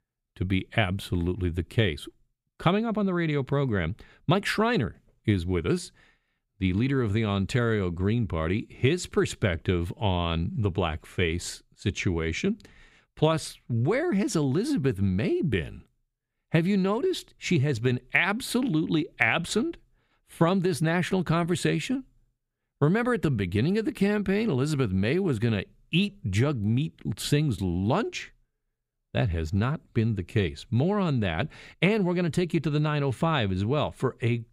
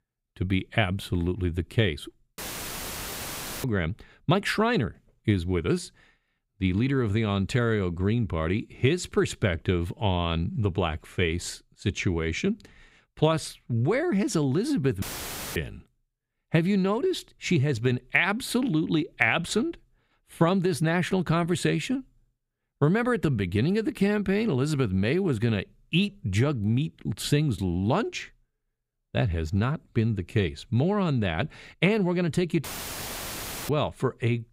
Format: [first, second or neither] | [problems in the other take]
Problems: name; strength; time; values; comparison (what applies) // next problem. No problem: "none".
first | audio cutting out; filled with static; at 2.5 s for 1.5 s, at 15 s for 0.5 s and at 33 s for 1 s